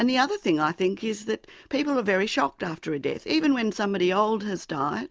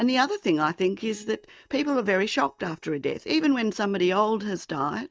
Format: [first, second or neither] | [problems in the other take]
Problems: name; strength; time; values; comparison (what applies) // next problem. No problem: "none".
first | noise reduction (neural mask model DeepFilterNet 3)